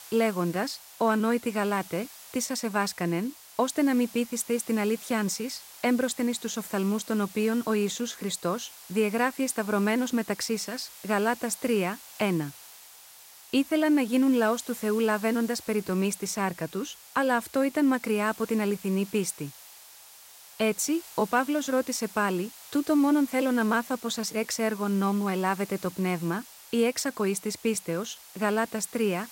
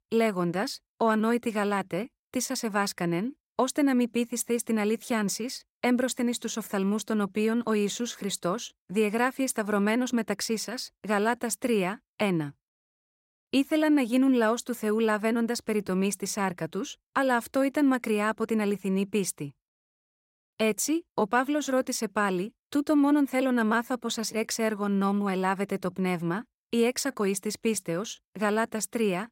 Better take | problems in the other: second | hiss; noticeable; throughout; 15 dB below the speech

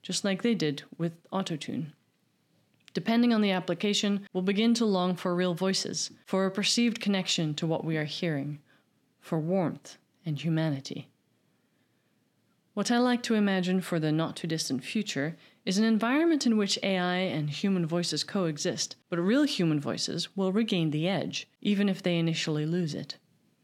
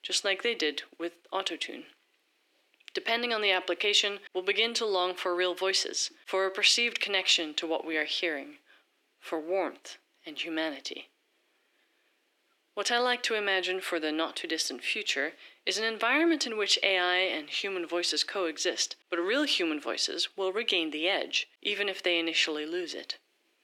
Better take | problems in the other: first | thin; very; fading below 350 Hz

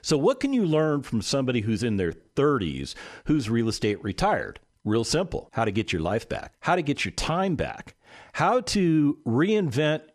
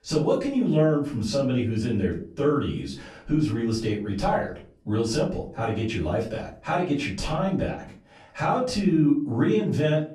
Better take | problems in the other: first | off-mic speech; far // room echo; slight; dies away in 0.4 s

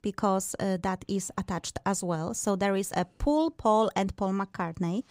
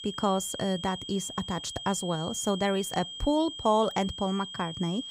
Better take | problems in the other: first | high-pitched whine; loud; throughout; 3 kHz, 9 dB below the speech

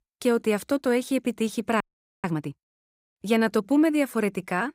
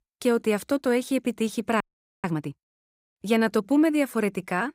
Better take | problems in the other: neither | audio freezing; at 2 s; the same in both

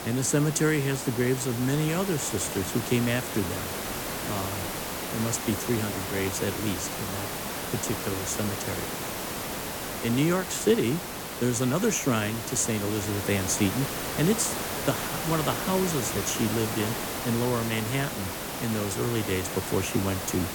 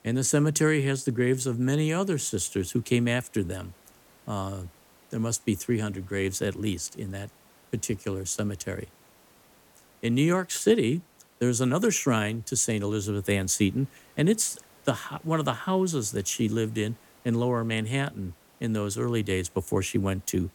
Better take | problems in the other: second | hiss; loud; throughout; 4 dB below the speech; faint in the second

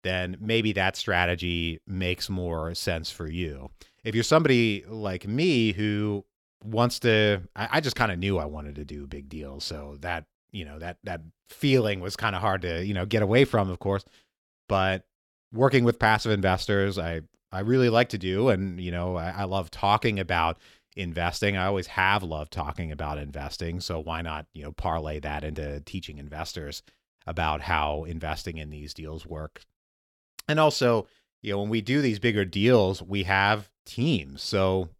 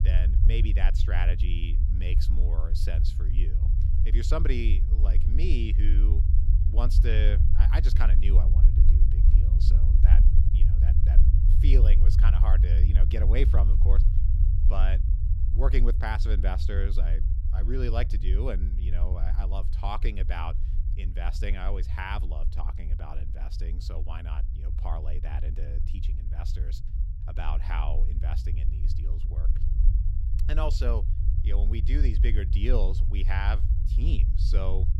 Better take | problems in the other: first | low rumble; loud; throughout; 7 dB below the speech

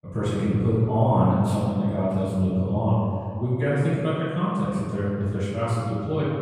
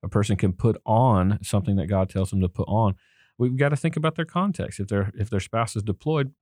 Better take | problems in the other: second | room echo; strong; dies away in 2.3 s // off-mic speech; far

